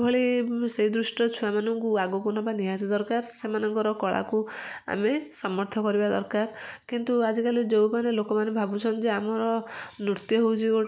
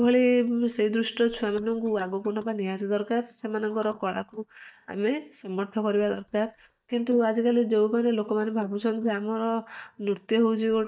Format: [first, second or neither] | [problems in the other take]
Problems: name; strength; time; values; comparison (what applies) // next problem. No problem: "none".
first | noise reduction (neural mask model DeepFilterNet 3)